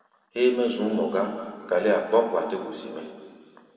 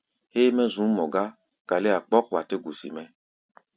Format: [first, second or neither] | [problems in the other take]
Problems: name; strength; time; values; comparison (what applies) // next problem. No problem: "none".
second | room echo; dies away in 2.3 s